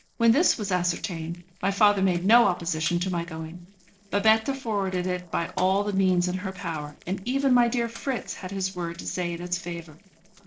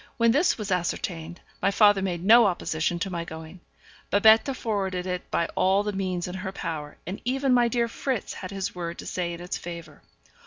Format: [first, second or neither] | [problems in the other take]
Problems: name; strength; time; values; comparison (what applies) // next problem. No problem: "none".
second | noise reduction (neural separator model SepFormer DNS4)